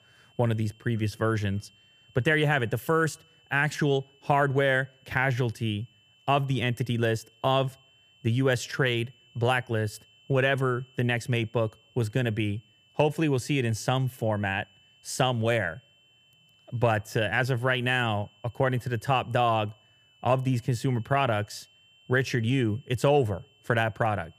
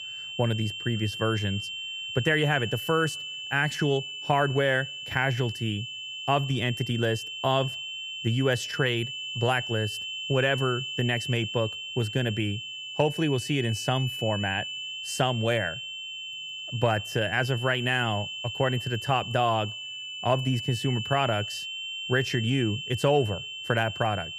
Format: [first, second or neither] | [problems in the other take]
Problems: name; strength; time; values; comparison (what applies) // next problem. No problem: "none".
first | high-pitched whine; loud; throughout; 3 kHz, 6 dB below the speech; faint in the first